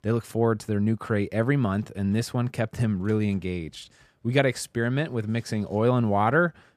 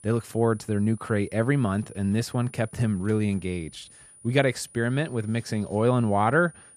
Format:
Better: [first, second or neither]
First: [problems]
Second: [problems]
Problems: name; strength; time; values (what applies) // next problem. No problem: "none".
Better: first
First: none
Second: high-pitched whine; faint; throughout; 9.5 kHz, 25 dB below the speech